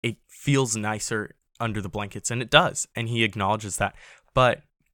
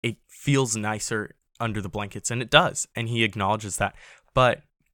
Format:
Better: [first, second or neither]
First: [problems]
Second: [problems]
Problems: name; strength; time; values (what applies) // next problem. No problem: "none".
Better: neither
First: none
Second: none